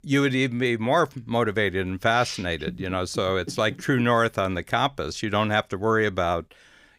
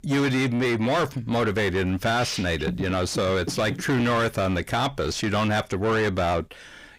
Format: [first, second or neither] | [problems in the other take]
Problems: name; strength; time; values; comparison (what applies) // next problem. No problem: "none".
first | distortion; heavy; 7 dB below the speech